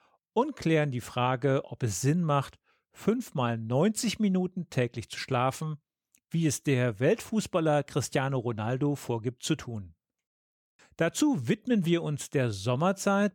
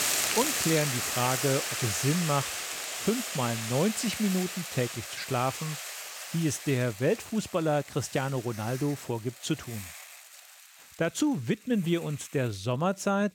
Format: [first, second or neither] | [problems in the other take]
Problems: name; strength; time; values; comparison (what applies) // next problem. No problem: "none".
first | hiss; loud; throughout; 2 dB below the speech